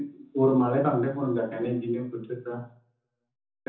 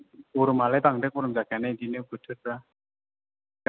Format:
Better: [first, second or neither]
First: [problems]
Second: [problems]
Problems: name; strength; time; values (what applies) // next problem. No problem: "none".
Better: second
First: background sound (Dishes, pots, and pans); 20 dB below the speech // room echo; dies away in 0.6 s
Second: none